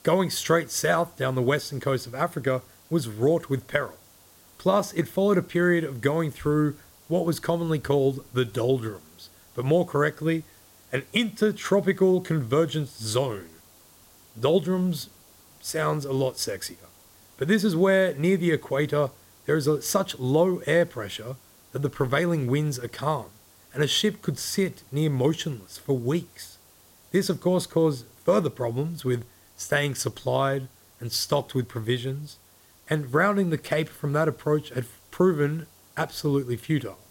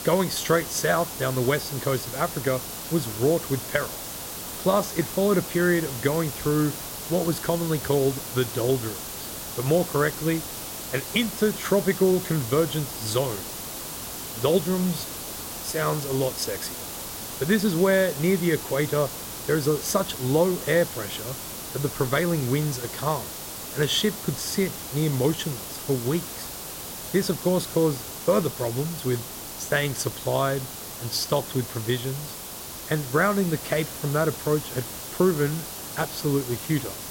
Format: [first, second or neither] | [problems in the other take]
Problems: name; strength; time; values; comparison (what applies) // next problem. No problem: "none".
first | hiss; loud; throughout; 8 dB below the speech; faint in the first